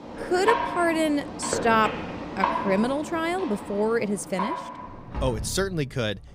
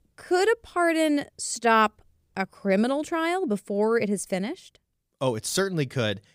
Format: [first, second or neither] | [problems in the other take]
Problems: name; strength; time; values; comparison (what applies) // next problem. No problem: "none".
second | household noises; loud; throughout; 5 dB below the speech